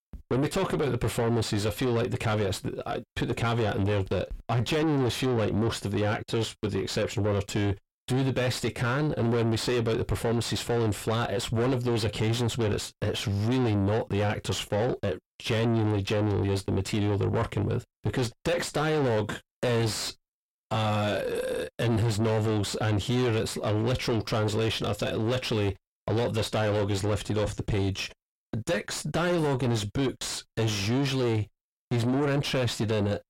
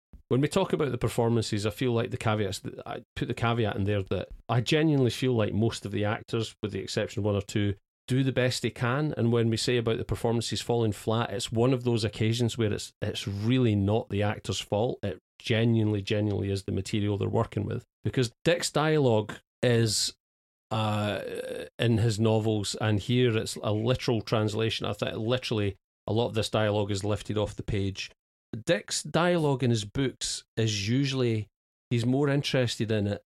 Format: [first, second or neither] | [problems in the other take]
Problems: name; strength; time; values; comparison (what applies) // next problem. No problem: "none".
second | distortion; heavy; 6 dB below the speech